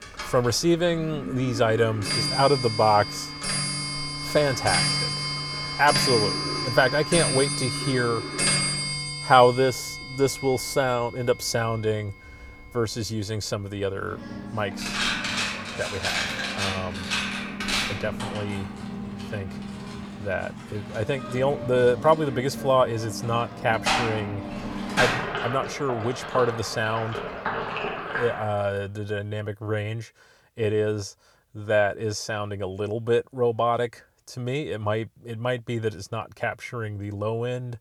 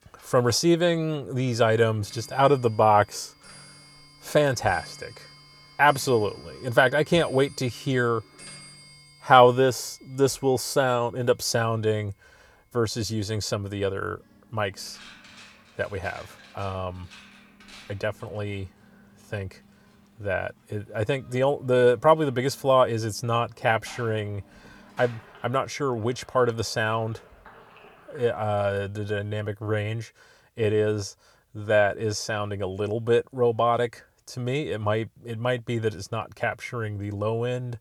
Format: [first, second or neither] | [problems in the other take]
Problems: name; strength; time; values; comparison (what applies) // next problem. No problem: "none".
second | household noises; loud; until 28 s; 2 dB below the speech; faint in the second